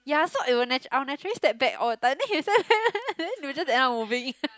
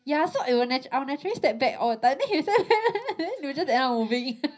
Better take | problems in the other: first | room echo; dies away in 0.5 s

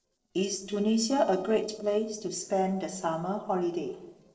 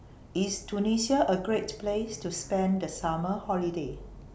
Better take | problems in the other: second | noise reduction (neural separator model SepFormer DNS4)

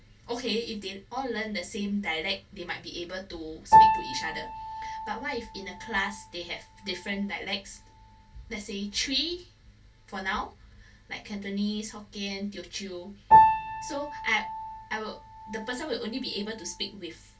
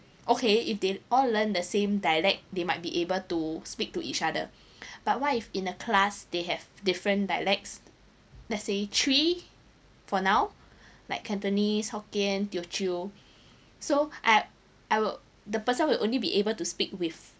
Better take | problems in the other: second | background sound (Piano); 4 dB above the speech // room echo; dies away in 0.2 s

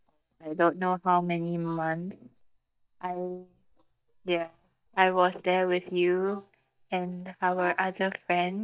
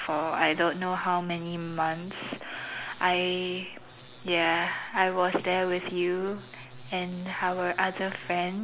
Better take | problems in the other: second | noise reduction (neural mask model DeepFilterNet 3)

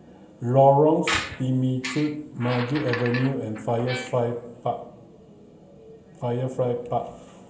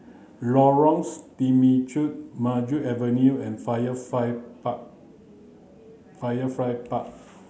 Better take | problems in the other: second | background sound (Squeak); 8 dB below the speech // room echo; dies away in 2.7 s

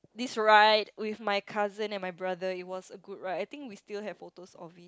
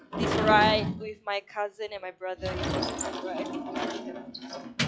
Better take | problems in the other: first | noise reduction (classical method log-MMSE)

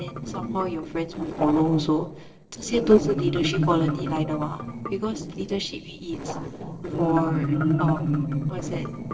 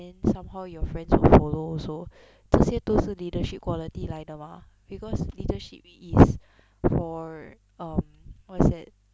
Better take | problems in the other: second | noise reduction (neural separator model SepFormer DNS4)

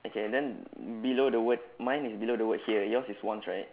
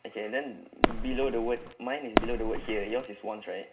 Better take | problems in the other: first | background sound (Fireworks); 4 dB above the speech // room echo; dies away in 0.2 s

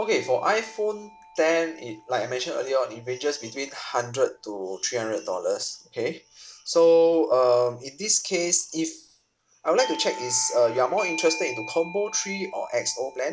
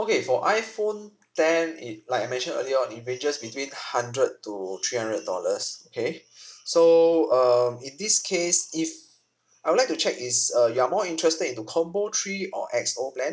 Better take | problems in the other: second | background sound (Doorbell); 17 dB below the speech

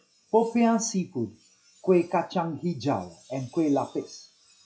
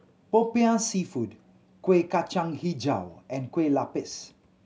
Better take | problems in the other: second | noise reduction (classical method log-MMSE)

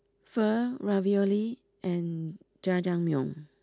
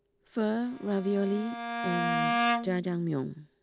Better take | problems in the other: first | background sound (Bowed string instrument); 1 dB below the speech

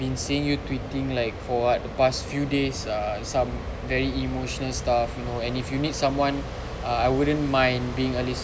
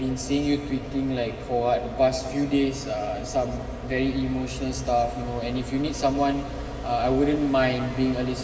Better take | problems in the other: first | room echo; dies away in 2.3 s

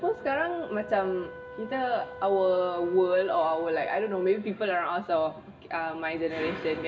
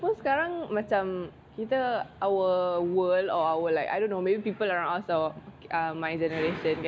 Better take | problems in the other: second | background sound (Wind instrument, woodwind instrument); 17 dB below the speech // room echo; dies away in 0.7 s

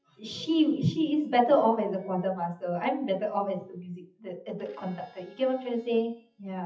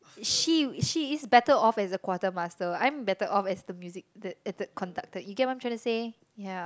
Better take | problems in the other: second | noise reduction (classical method WPE with log-MMSE)

